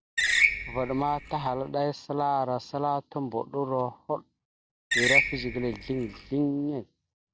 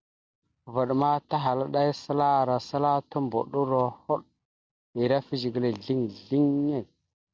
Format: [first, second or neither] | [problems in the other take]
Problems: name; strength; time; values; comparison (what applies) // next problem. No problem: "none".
second | background sound (Screech); 2 dB above the speech